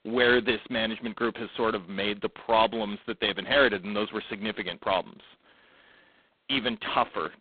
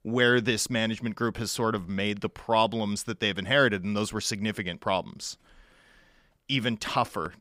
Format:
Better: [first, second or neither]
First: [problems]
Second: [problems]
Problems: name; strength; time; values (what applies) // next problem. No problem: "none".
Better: second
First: phone-call audio; poor line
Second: none